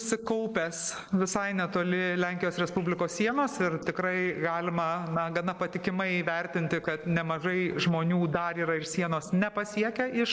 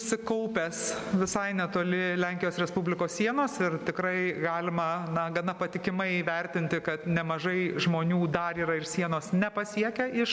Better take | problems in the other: second | noise reduction (neural mask model Resemble Enhance denoiser)

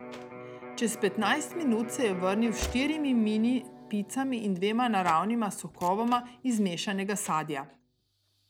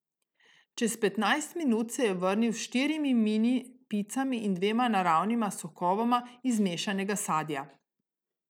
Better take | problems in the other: second | background sound (Slam / Train + Electric guitar); 14 dB below the speech

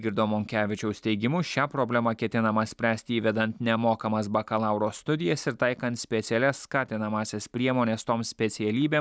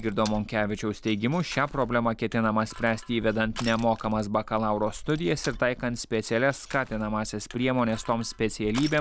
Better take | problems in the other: first | background sound (Crushing); 15 dB below the speech

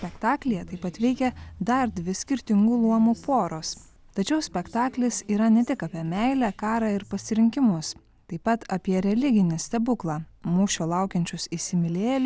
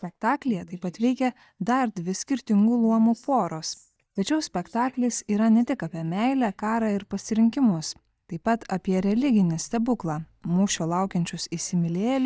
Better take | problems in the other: first | noise reduction (neural mask model DeepFilterNet 3)

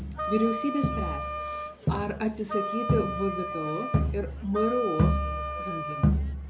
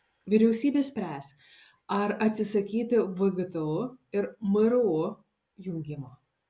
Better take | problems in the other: second | background sound (Crowd + Wind instrument, woodwind instrument); 2 dB above the speech

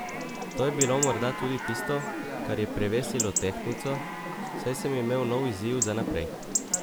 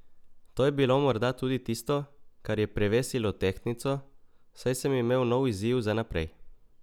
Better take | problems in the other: second | background sound (Chatter / Chirp, tweet / Livestock, farm animals, working animals); 2 dB below the speech

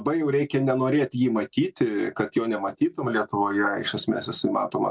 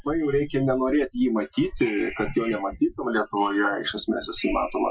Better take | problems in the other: first | noise reduction (classical method Wiener filter)

